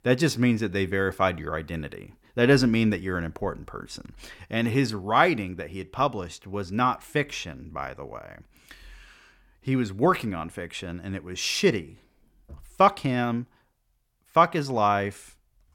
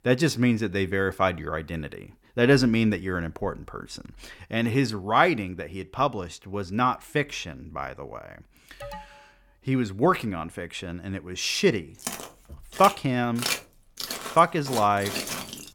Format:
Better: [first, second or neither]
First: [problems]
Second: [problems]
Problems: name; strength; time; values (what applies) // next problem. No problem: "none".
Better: first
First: none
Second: alarm; faint; at 9 s; peak 15 dB below the speech // footsteps; noticeable; from 12 s on; peak 2 dB below the speech